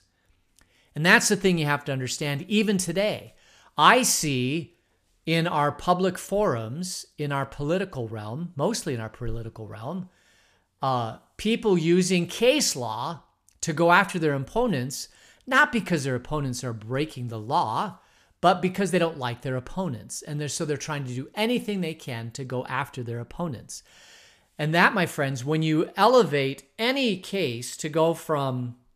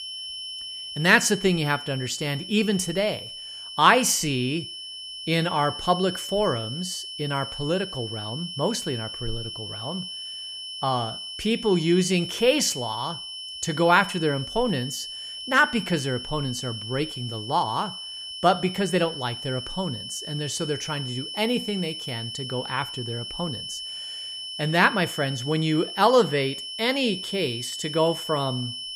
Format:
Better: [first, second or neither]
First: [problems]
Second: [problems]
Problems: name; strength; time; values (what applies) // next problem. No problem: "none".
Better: first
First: none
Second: high-pitched whine; loud; throughout; 3 kHz, 8 dB below the speech